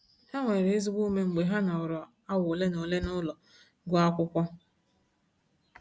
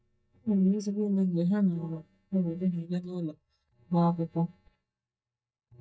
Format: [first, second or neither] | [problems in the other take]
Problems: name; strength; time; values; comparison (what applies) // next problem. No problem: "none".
first | noise reduction (neural mask model DeepFilterNet 3)